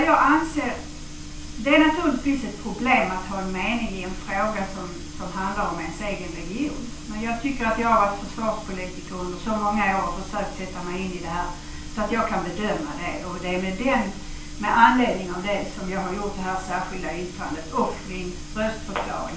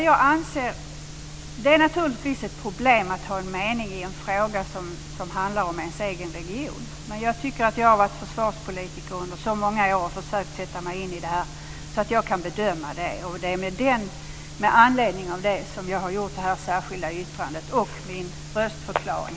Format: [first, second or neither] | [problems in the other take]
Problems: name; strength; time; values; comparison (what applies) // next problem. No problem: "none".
second | room echo; dies away in 0.4 s